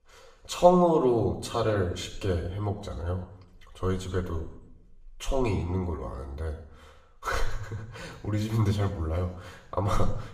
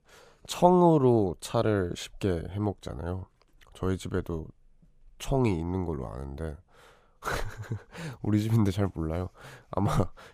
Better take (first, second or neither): second